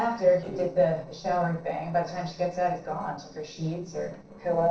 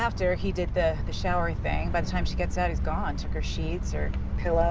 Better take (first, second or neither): second